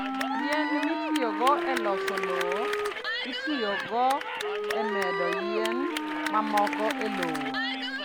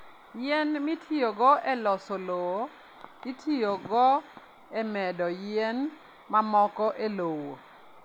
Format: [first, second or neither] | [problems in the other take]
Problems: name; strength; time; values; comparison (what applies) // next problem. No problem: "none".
second | background sound (Cheering / Clapping + Wind instrument, woodwind instrument); 1 dB above the speech